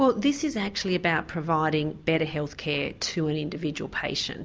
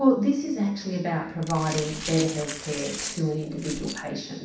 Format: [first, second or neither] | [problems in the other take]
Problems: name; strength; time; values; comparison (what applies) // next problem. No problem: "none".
first | background sound (Glass); 10 dB below the speech // room echo; dies away in 0.7 s